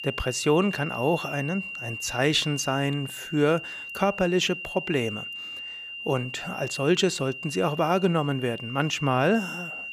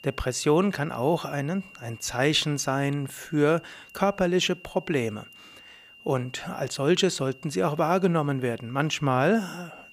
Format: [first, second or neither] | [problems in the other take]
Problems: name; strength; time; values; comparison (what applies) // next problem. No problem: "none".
second | high-pitched whine; loud; throughout; 3 kHz, 9 dB below the speech; faint in the second